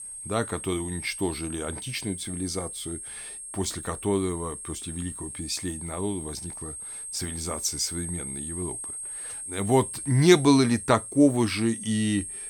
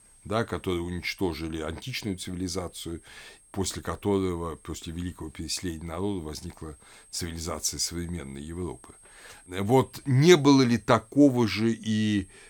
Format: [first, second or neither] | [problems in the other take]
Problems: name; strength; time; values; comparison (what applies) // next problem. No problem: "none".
second | high-pitched whine; loud; throughout; 8.5 kHz, 8 dB below the speech; faint in the second